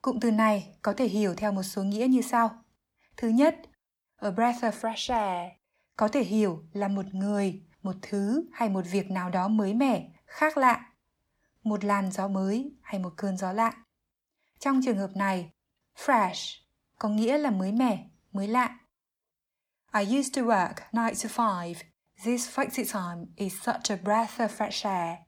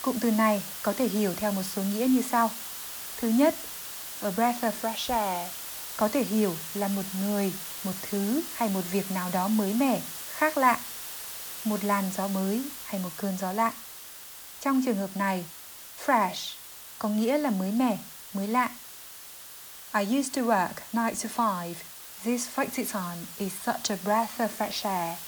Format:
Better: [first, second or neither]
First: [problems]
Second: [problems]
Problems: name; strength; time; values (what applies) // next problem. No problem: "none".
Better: first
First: none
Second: hiss; loud; throughout; 9 dB below the speech